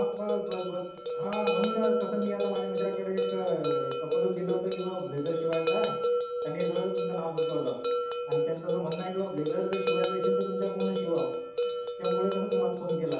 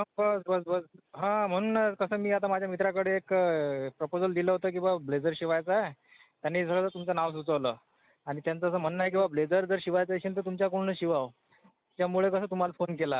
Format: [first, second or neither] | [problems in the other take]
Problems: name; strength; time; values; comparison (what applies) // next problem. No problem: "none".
second | background sound (Bell); 2 dB above the speech // room echo; dies away in 0.8 s